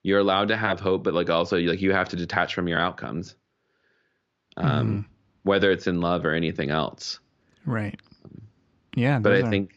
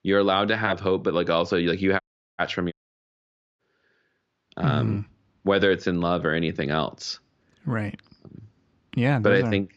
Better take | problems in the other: first | audio cutting out; at 2 s and at 2.5 s for 1 s

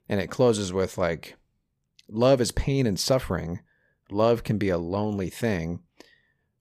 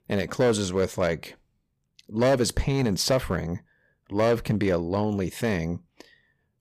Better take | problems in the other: first | distortion; slight; 5% of the sound clipped

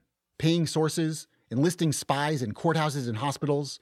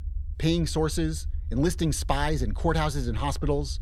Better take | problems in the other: first | low rumble; faint; throughout; 25 dB below the speech

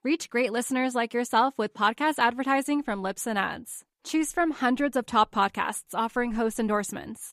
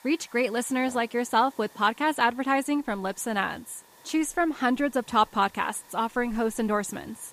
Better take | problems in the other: first | hiss; faint; throughout; 25 dB below the speech

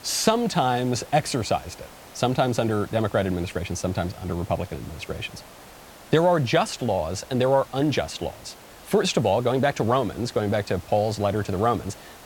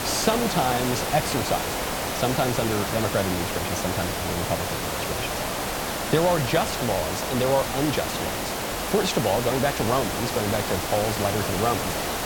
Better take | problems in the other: first | hiss; loud; throughout; 1 dB below the speech; faint in the first

